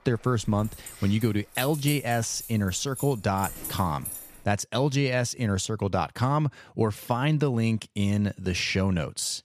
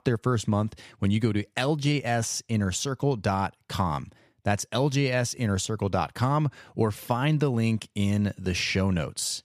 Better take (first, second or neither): second